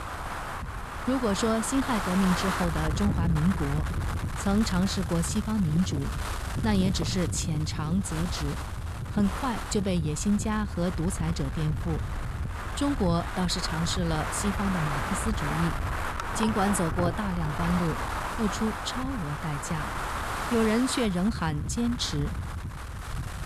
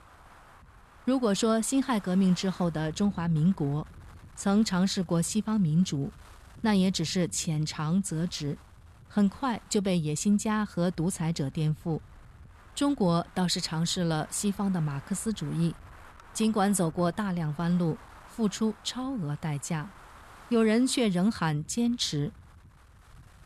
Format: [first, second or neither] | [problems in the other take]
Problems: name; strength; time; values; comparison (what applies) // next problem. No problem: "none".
second | wind noise on the microphone; heavy; 1 dB below the speech; occasional gusts in the second